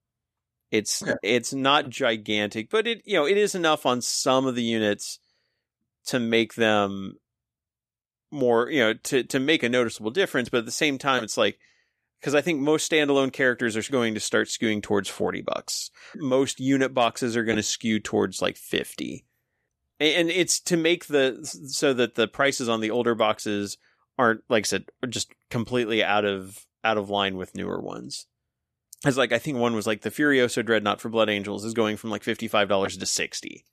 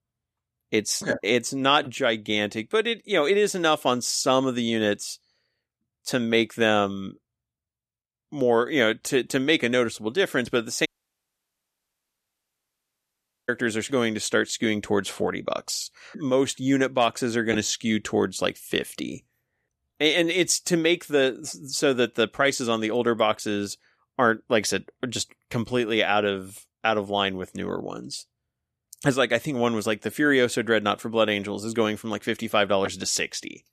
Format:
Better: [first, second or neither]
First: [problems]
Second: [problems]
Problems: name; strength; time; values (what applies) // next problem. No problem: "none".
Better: first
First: none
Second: audio cutting out; at 11 s for 2.5 s